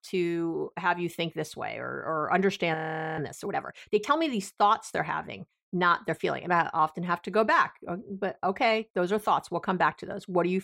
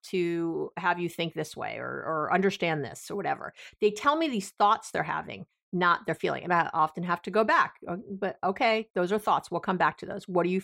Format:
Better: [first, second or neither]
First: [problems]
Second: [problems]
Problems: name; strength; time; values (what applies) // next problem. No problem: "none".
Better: second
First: audio freezing; at 2.5 s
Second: none